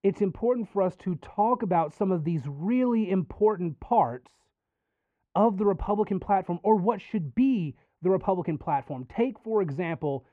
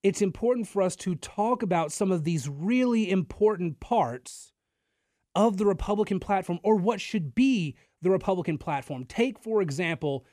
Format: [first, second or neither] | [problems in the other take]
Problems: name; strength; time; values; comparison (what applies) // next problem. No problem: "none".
second | muffled; very; fading above 3.5 kHz